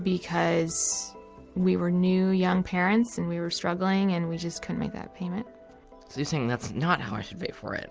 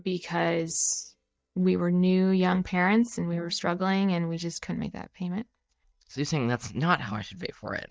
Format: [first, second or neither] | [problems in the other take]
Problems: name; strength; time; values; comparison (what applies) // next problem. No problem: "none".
first | noise reduction (neural mask model DeepFilterNet 3)